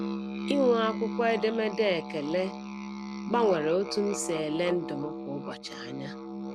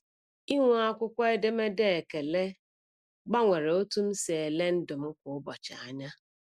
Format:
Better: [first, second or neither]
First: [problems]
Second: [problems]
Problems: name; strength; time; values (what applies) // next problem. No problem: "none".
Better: second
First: background sound (Musical instrument); 7 dB below the speech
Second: none